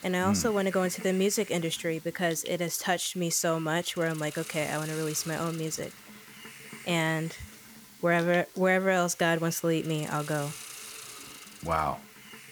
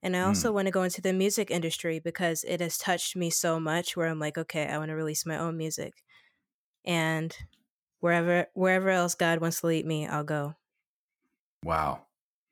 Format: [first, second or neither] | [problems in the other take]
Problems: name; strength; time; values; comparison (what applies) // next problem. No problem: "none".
second | hiss; noticeable; throughout; 15 dB below the speech